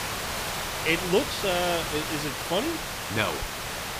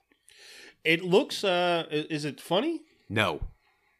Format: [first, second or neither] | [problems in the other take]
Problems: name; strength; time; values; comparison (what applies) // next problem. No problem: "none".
second | hiss; loud; throughout; 2 dB below the speech